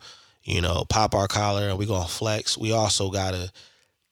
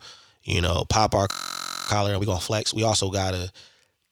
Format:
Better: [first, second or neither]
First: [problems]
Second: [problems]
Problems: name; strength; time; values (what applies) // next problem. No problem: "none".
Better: first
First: none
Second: audio freezing; at 1.5 s for 0.5 s